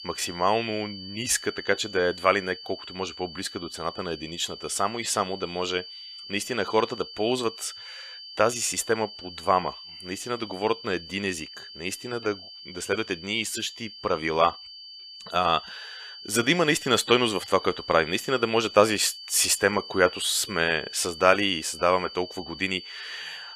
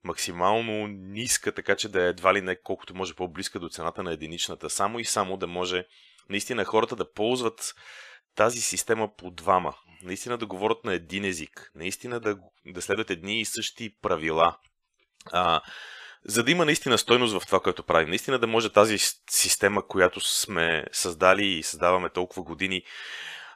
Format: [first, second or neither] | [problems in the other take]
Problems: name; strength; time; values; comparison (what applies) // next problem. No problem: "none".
second | high-pitched whine; noticeable; throughout; 4.5 kHz, 15 dB below the speech